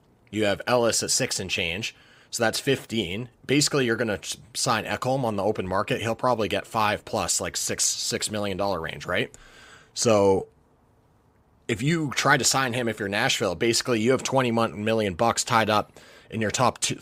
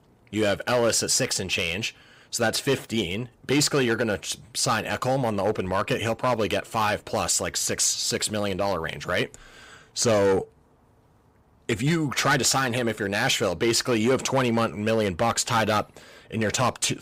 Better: first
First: none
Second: distortion; slight; 5% of the sound clipped

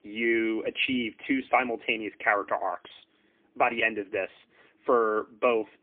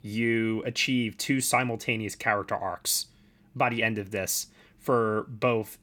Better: second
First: phone-call audio; poor line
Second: none

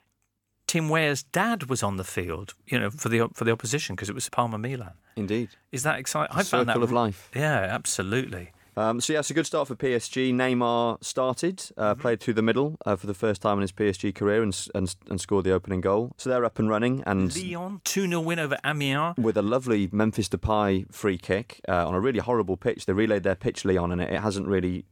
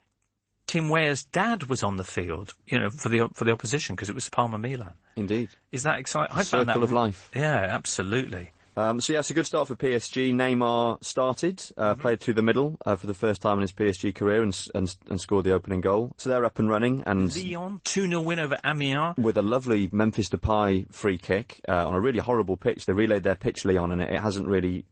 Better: first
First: none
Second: garbled, watery; slightly; nothing above 8.5 kHz

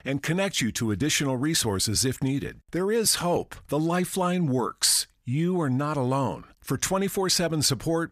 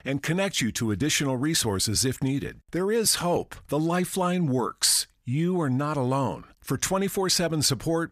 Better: neither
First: none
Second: none

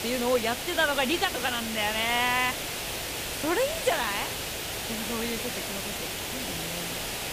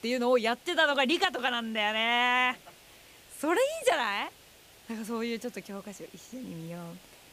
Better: second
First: hiss; loud; throughout; 4 dB below the speech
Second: hiss; faint; throughout; 25 dB below the speech

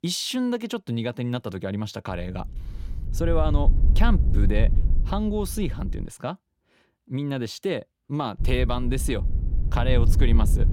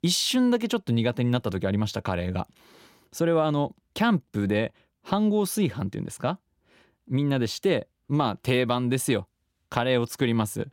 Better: second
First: wind noise on the microphone; occasional gusts; from 2 to 6 s and from 8.5 s on; 10 dB below the speech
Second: none

